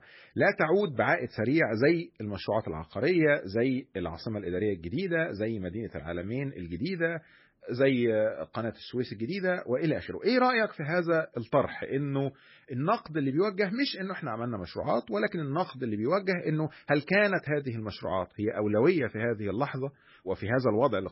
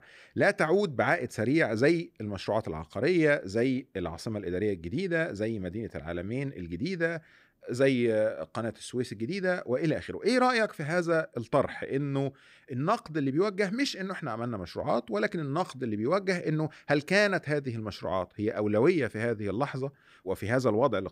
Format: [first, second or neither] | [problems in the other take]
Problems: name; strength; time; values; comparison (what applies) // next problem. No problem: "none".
second | garbled, watery; badly; nothing above 5.5 kHz